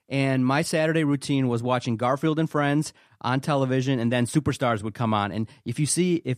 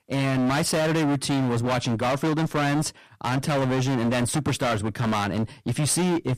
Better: first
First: none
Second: distortion; heavy; 34% of the sound clipped

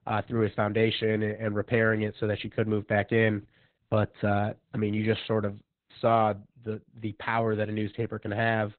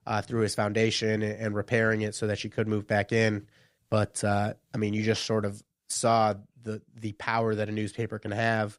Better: second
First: garbled, watery; badly; nothing above 4 kHz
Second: none

